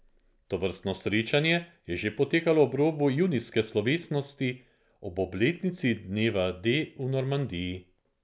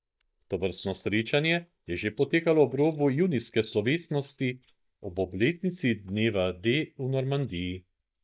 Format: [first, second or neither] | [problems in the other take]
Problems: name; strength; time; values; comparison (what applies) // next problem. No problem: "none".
first | noise reduction (neural mask model DeepFilterNet 3)